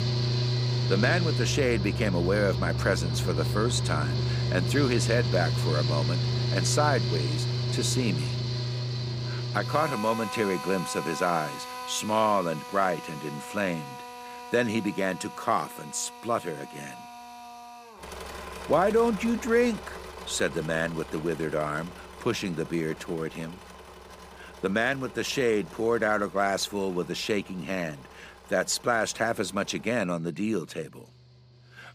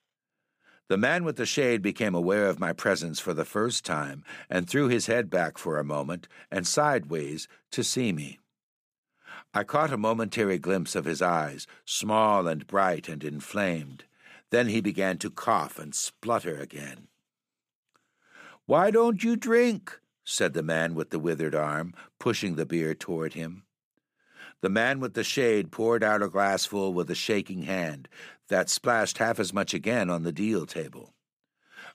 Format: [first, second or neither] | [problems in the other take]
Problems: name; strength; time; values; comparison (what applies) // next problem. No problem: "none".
second | machinery noise; loud; throughout; 3 dB below the speech